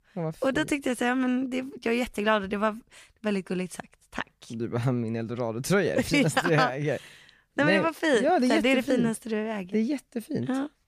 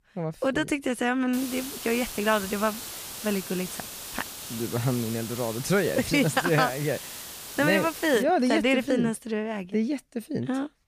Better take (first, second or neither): first